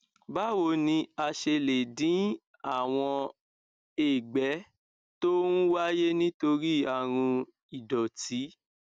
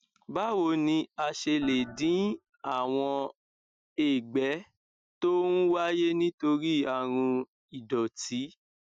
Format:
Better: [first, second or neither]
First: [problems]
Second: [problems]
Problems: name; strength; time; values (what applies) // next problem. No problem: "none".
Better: first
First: none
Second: noise reduction (classical method Wiener filter)